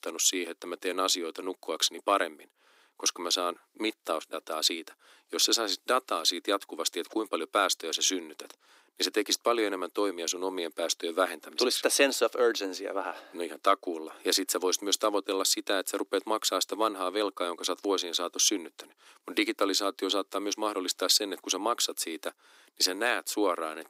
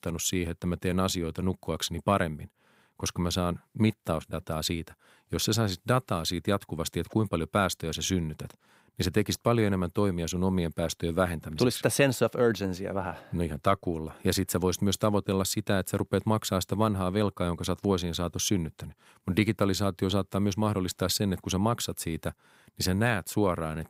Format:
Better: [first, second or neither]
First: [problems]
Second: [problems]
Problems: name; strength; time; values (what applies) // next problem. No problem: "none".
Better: second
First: thin; somewhat; fading below 300 Hz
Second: none